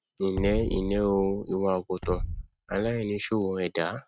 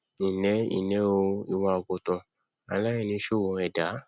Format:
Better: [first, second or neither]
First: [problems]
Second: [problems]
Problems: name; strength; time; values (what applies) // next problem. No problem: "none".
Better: second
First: noise reduction (neural mask model RNNoise)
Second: none